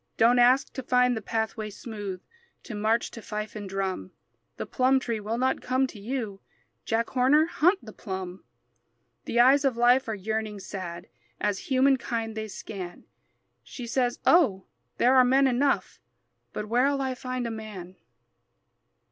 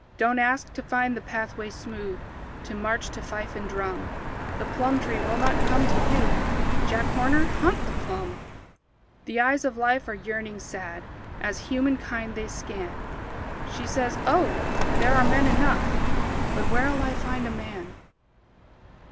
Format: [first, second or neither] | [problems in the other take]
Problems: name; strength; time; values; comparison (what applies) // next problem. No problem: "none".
first | background sound (Car passing by); 2 dB above the speech